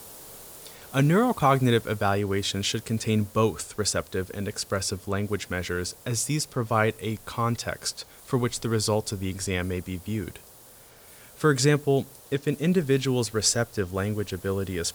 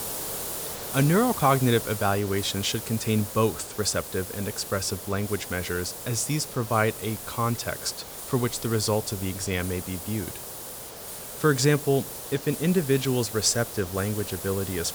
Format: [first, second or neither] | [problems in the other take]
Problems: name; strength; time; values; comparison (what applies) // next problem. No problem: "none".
first | hiss; loud; throughout; 8 dB below the speech; faint in the first